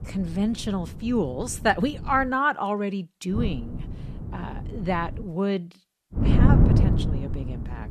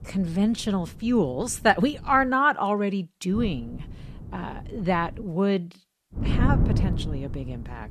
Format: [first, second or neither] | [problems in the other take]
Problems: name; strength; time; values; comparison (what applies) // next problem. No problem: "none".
second | wind noise on the microphone; heavy; until 2.5 s, from 3.5 to 5.5 s and from 6 s on; 7 dB below the speech; occasional gusts in the second